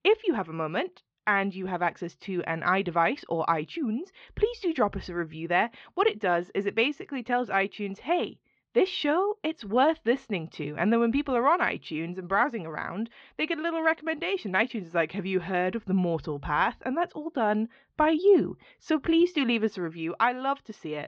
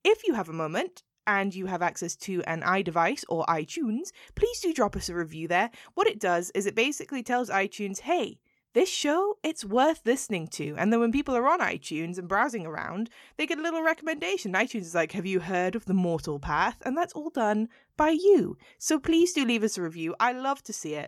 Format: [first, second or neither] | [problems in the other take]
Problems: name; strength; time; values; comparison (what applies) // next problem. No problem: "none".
second | muffled; slightly; fading above 4 kHz